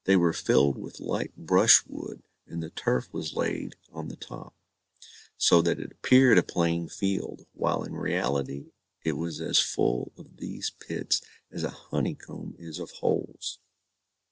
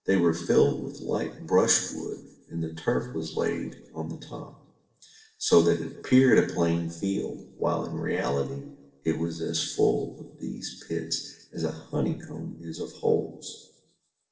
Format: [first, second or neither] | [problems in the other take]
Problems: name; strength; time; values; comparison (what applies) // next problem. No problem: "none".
first | room echo; dies away in 0.8 s